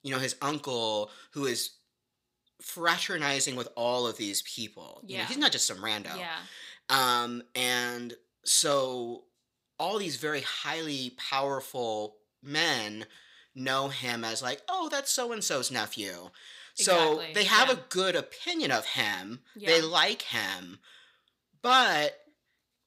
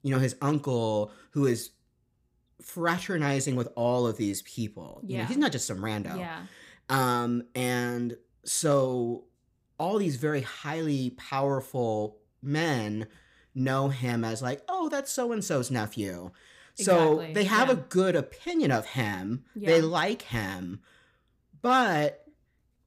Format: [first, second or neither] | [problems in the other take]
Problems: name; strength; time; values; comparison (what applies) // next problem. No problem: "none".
second | thin; somewhat; fading below 950 Hz